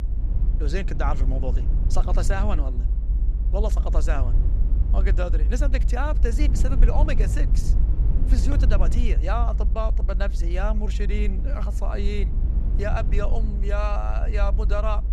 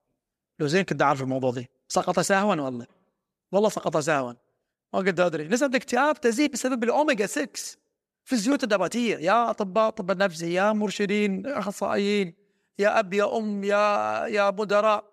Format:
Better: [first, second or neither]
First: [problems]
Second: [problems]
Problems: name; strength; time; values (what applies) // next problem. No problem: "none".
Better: second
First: low rumble; noticeable; throughout; 10 dB below the speech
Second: none